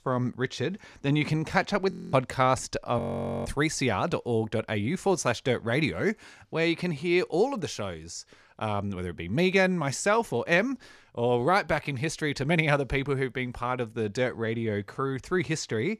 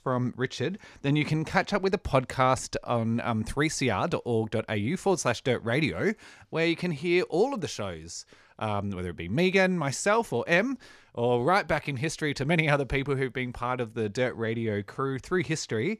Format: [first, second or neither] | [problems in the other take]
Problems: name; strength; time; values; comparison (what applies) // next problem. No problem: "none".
second | audio freezing; at 2 s and at 3 s